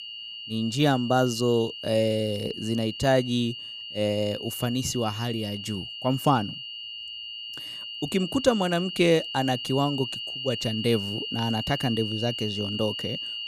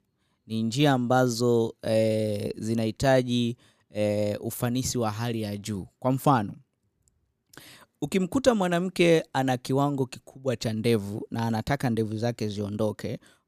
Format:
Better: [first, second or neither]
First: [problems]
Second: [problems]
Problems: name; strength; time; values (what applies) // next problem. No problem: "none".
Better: second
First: high-pitched whine; loud; throughout; 3 kHz, 7 dB below the speech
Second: none